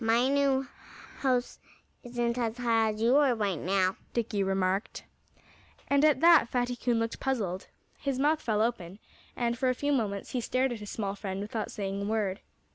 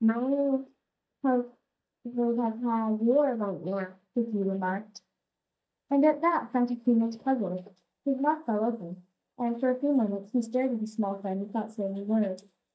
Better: first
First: none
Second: noise reduction (neural mask model DeepFilterNet 3)

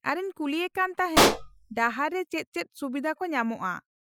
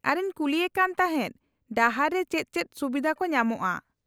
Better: second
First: noise reduction (classical method Wiener filter)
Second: none

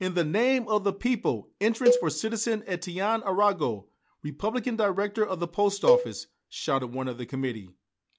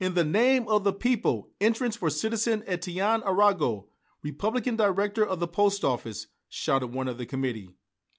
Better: second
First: background sound (Cowbell); 2 dB below the speech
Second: none

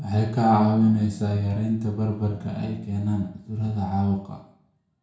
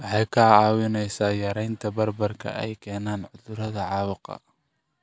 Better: second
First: background sound (Organ); 16 dB below the speech // room echo; dies away in 0.5 s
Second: none

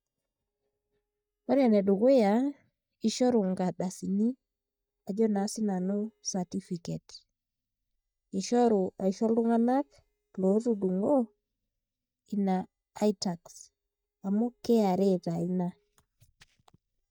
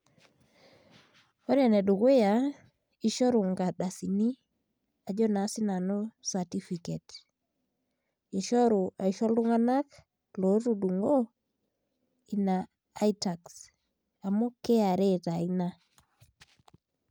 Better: second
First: noise reduction (neural mask model DeepFilterNet 3)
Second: none

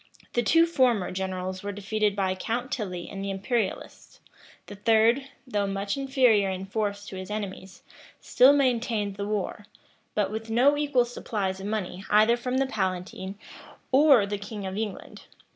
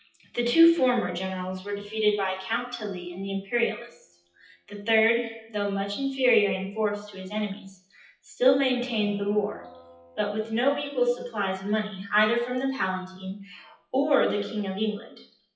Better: first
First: none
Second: noise reduction (classical method WPE with log-MMSE)

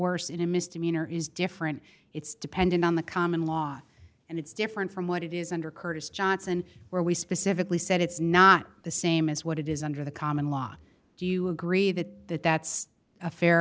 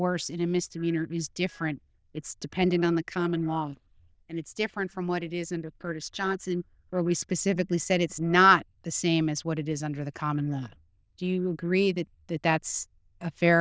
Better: first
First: none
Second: noise reduction (neural diffusion model UNIVERSE++)

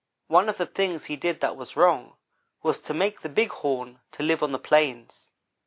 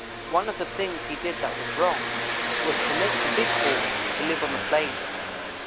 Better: first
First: none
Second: background sound (Engine); 1 dB above the speech

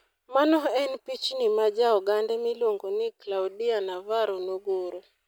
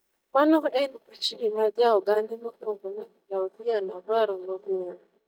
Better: first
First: none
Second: noise reduction (neural mask model DeepFilterNet 3)

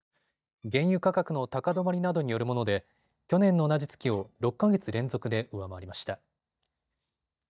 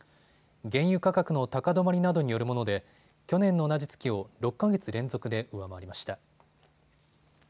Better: second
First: noise reduction (neural mask model DeepFilterNet 3)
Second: none

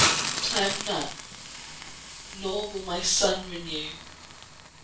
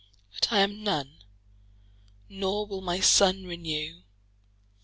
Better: second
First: background sound (Hiss); 1 dB below the speech // room echo; dies away in 0.3 s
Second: none

